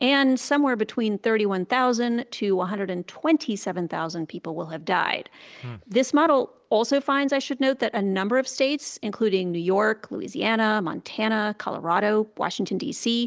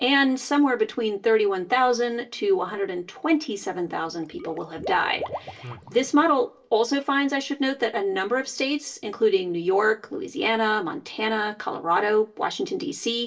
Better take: first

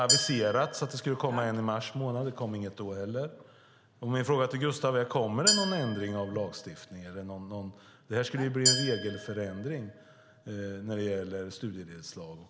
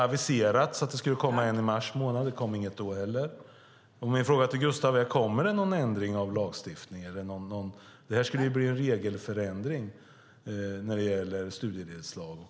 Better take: second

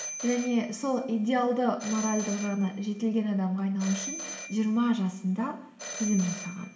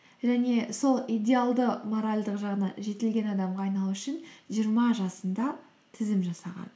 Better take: second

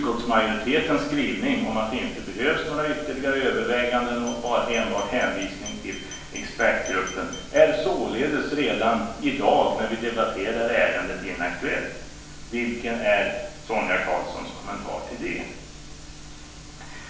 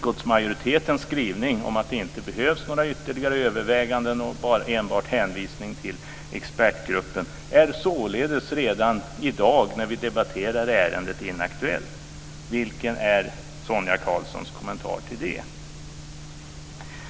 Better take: second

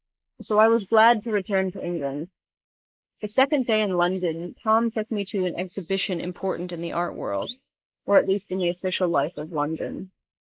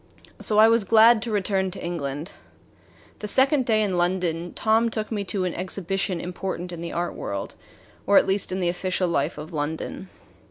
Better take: second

